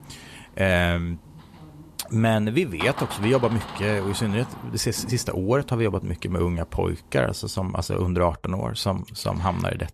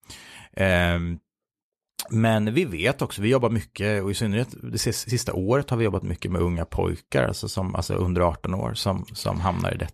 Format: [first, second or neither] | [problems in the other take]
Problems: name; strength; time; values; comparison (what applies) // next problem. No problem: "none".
second | door banging; noticeable; until 5.5 s; peak 7 dB below the speech